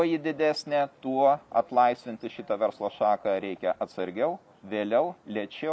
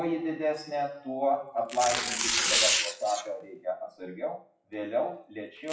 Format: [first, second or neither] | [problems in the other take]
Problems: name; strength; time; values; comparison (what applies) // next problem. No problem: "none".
first | noise reduction (classical method WPE with log-MMSE)